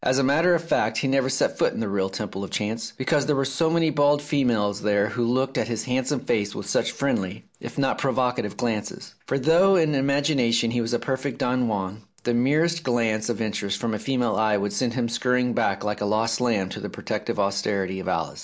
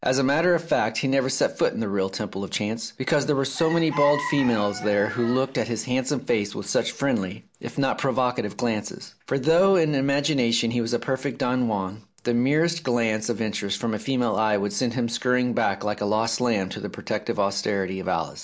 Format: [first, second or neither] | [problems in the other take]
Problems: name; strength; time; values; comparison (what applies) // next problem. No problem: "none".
first | background sound (Chicken, rooster); 10 dB below the speech